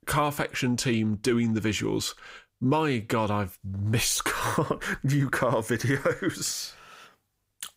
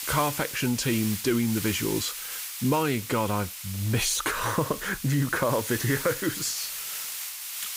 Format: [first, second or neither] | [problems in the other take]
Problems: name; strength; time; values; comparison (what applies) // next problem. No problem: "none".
first | hiss; loud; throughout; 6 dB below the speech